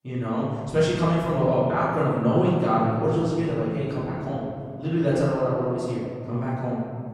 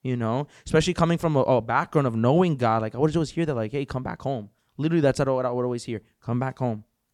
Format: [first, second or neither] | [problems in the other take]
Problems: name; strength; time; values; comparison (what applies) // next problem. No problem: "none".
second | off-mic speech; far // room echo; noticeable; dies away in 2.3 s